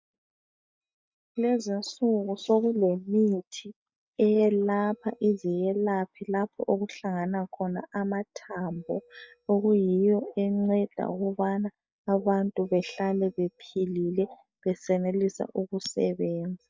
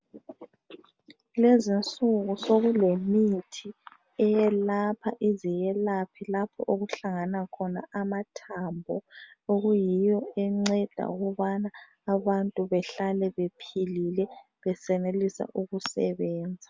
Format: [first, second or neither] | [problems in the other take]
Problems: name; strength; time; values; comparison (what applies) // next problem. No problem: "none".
second | noise reduction (neural mask model DeepFilterNet 3)